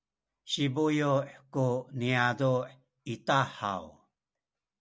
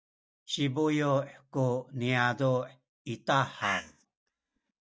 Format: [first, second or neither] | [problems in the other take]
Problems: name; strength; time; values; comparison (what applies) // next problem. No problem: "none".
first | noise reduction (neural mask model DeepFilterNet 3)